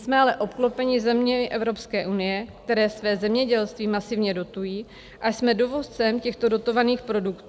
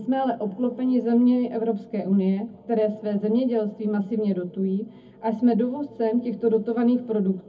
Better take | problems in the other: first | room echo; dies away in 0.3 s

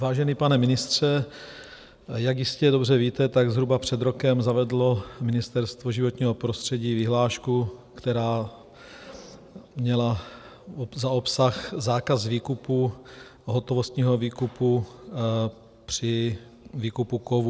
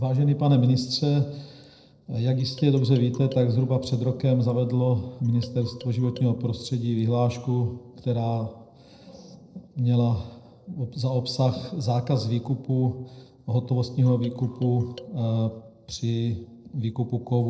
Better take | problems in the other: first | noise reduction (neural separator model SepFormer DNS4)

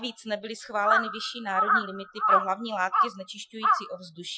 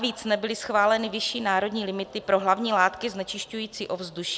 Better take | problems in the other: second | noise reduction (classical method Wiener filter)

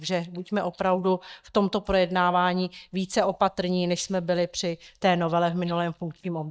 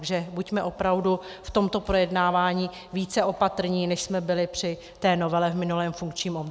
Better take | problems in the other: second | noise reduction (neural mask model DeepFilterNet 3)

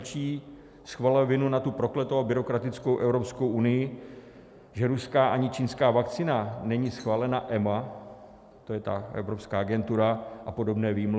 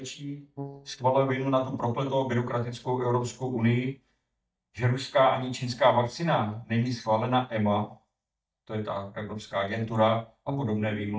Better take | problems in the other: first | noise reduction (neural mask model DeepFilterNet 3)

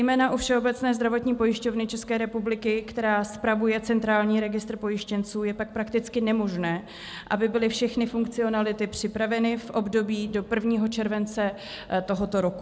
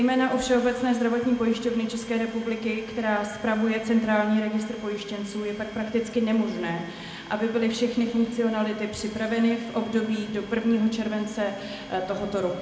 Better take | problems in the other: first | background sound (Domestic sounds, home sounds); 20 dB below the speech // room echo; dies away in 1.9 s

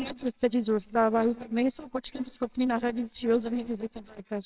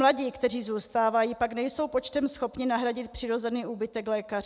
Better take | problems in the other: second | noise reduction (neural separator model SepFormer WHAMR!)

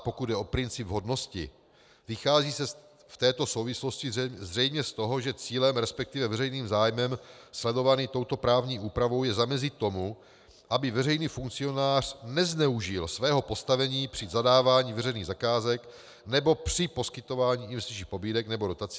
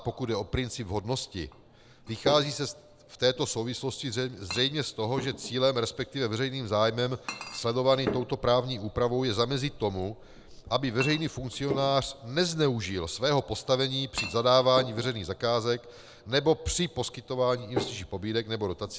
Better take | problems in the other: first | background sound (Chink, clink); 13 dB below the speech

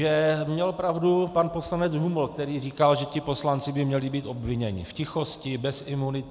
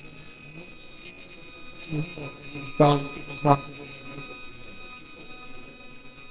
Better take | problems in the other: first | noise reduction (neural separator model SepFormer WHAMR!)

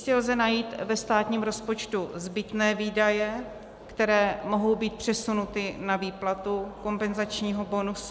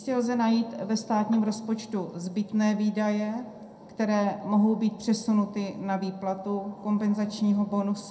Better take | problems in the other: first | background sound (Knock); 19 dB below the speech // room echo; dies away in 0.2 s

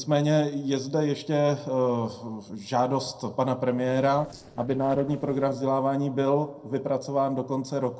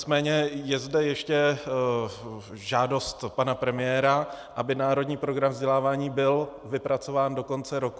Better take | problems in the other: second | noise reduction (neural separator model SepFormer DNS4)

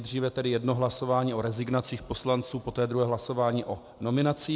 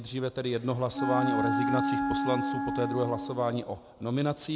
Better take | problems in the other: first | background sound (Wind instrument, woodwind instrument); as loud as the speech

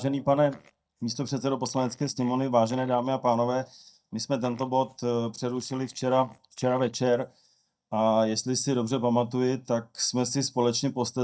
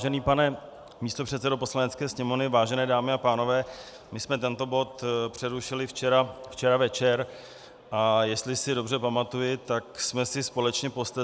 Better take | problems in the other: second | noise reduction (neural mask model DeepFilterNet 3)

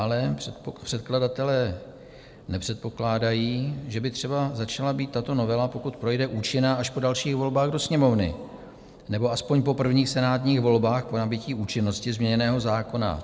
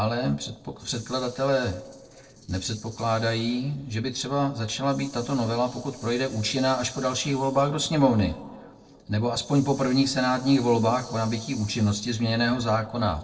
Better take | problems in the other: first | noise reduction (neural separator model SepFormer DNS4)

